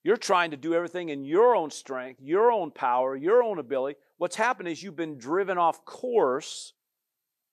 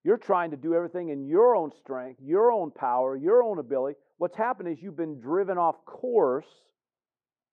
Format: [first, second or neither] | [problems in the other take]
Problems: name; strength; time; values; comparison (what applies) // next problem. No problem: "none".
first | muffled; very; fading above 2.5 kHz